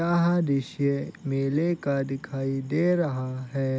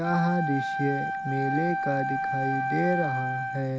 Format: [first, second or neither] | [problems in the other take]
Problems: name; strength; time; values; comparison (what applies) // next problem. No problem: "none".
first | background sound (Wind instrument, woodwind instrument); 1 dB below the speech